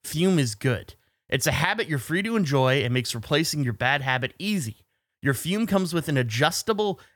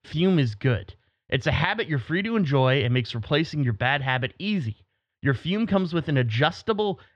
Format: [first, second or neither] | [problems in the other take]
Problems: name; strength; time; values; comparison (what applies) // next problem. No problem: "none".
first | muffled; slightly; fading above 3.5 kHz